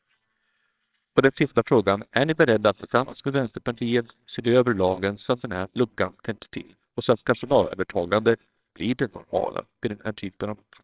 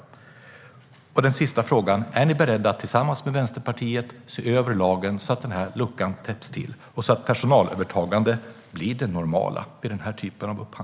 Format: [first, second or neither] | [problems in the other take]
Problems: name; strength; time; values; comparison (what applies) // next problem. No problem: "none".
second | noise reduction (neural separator model SepFormer WHAMR!)